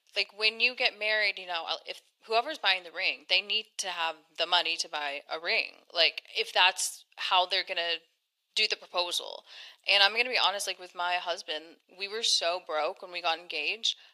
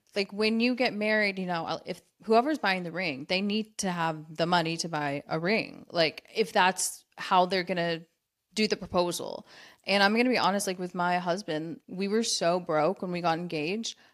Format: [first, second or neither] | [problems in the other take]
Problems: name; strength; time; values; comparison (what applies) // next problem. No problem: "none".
second | thin; very; fading below 500 Hz